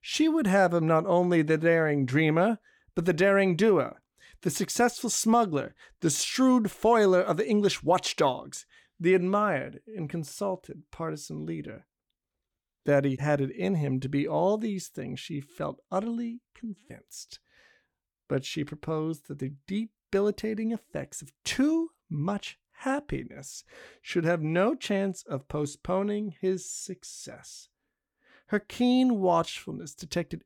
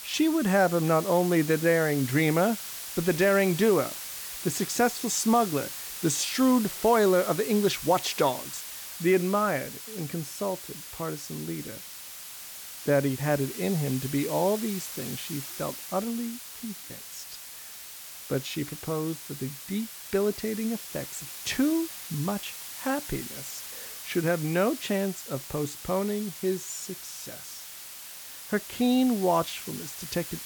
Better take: first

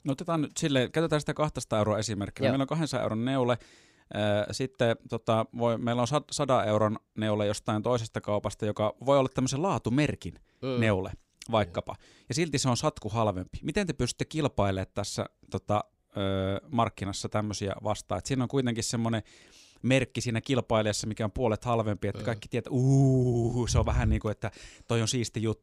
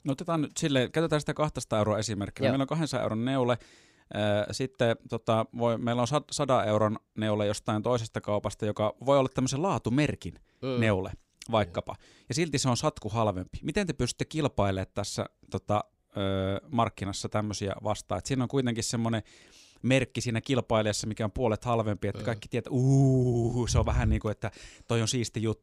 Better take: neither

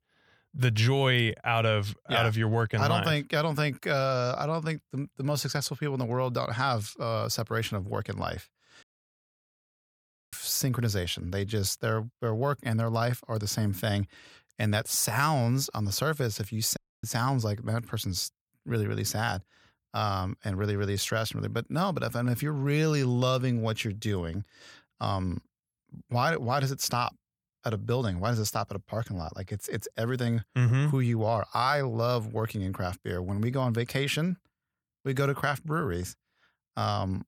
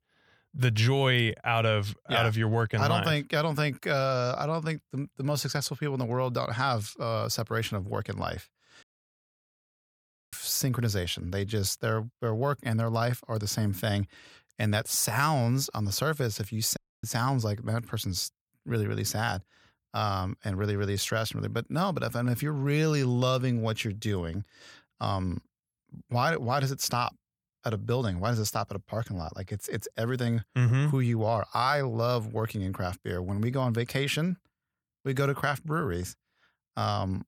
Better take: neither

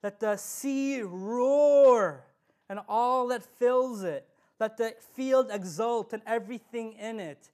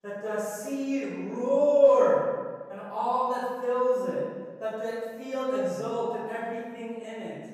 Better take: first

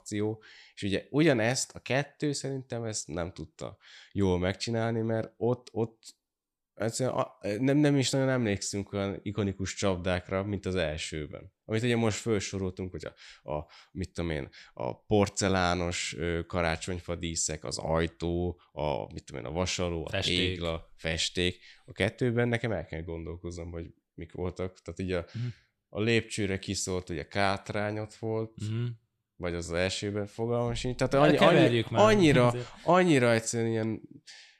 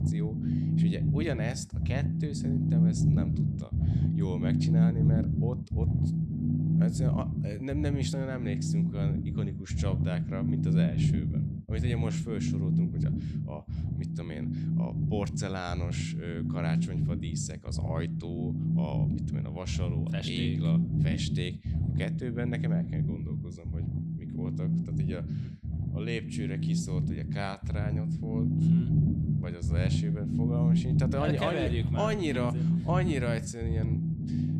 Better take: first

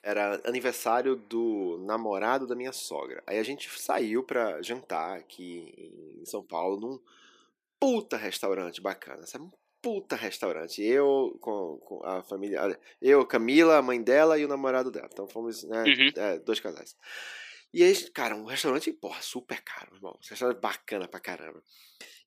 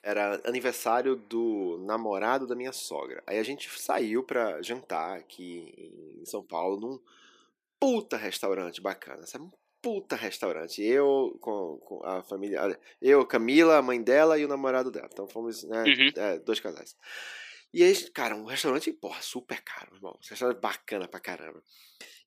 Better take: neither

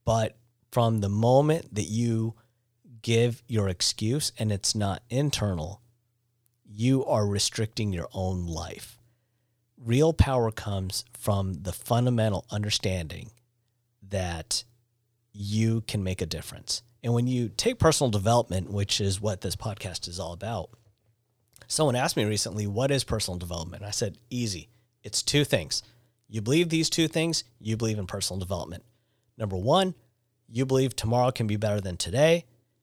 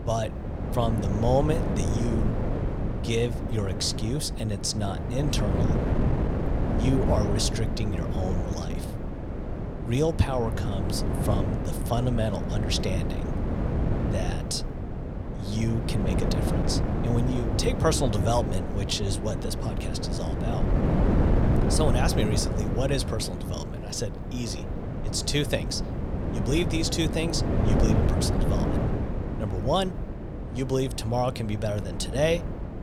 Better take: first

